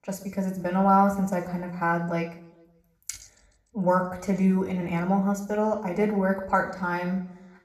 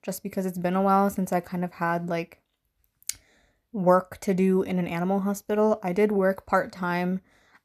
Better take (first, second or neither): second